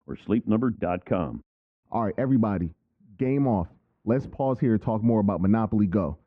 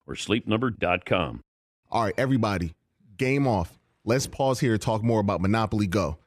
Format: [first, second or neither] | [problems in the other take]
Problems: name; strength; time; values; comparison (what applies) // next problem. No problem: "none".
second | muffled; very; fading above 1 kHz